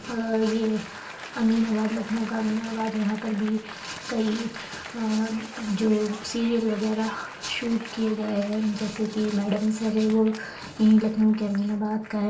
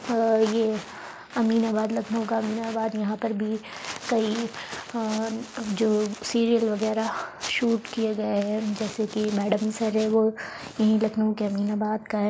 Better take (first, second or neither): second